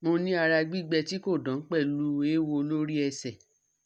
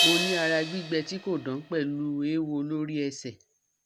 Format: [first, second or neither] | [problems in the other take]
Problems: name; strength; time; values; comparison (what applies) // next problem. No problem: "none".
first | background sound (Crash cymbal); 4 dB below the speech